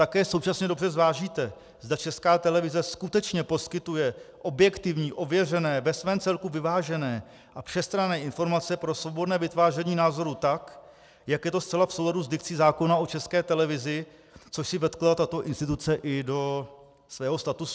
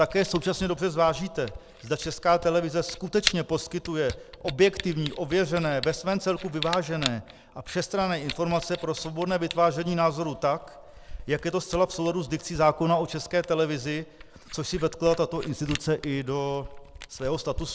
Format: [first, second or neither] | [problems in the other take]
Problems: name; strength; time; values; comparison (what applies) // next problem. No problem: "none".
first | background sound (Camera); 13 dB below the speech